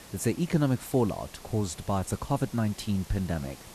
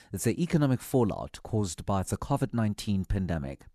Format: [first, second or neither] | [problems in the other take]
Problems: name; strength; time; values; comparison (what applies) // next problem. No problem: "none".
second | hiss; noticeable; throughout; 20 dB below the speech